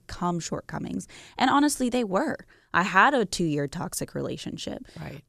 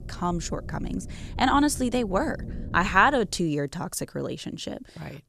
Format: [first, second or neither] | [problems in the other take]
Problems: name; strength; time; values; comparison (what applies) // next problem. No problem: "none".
first | low rumble; faint; until 3.5 s; 25 dB below the speech